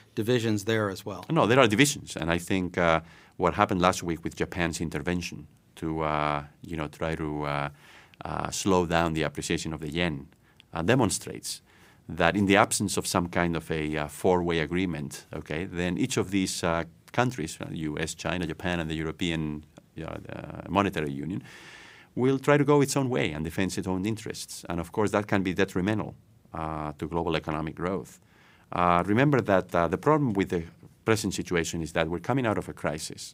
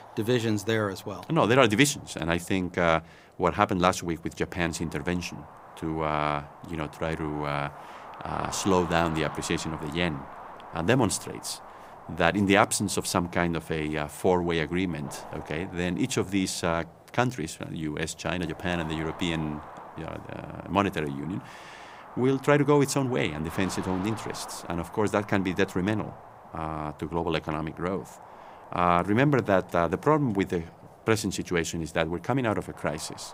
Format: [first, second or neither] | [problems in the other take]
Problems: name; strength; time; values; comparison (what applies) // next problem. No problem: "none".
first | wind noise on the microphone; occasional gusts; 15 dB below the speech